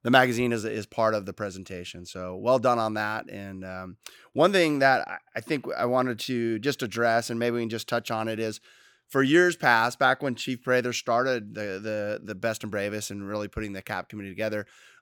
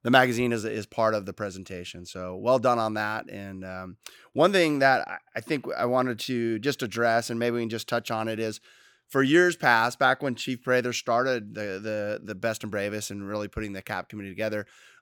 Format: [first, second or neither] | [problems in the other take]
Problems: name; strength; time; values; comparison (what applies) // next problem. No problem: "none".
neither | none